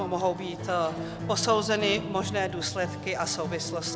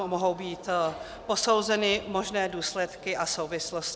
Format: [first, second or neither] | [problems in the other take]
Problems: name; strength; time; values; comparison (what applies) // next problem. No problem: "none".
second | background sound (Acoustic guitar); 8 dB below the speech